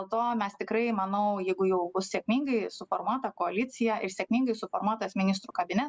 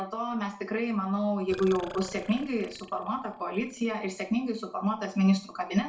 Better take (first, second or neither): first